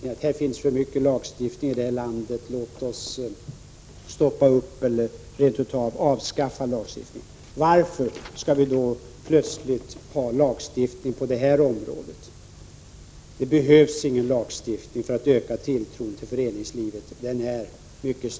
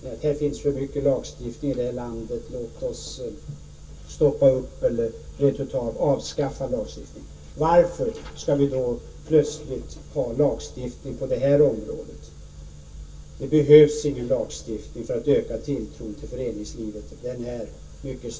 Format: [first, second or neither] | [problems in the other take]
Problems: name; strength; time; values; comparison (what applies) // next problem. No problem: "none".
first | room echo; dies away in 0.1 s